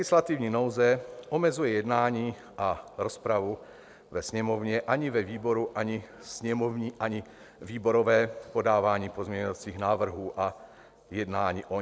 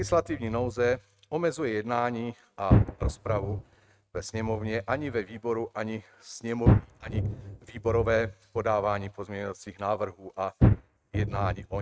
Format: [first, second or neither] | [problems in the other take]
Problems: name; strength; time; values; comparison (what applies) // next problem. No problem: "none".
first | noise reduction (neural mask model RNNoise)